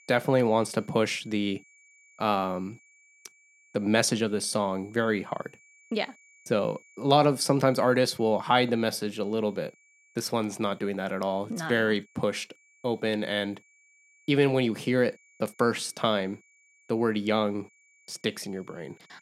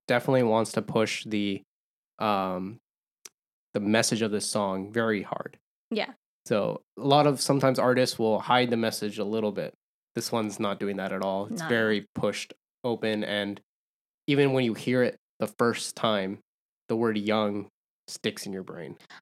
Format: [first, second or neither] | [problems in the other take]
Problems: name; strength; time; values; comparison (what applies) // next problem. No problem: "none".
second | high-pitched whine; faint; throughout; 2.5 kHz, 30 dB below the speech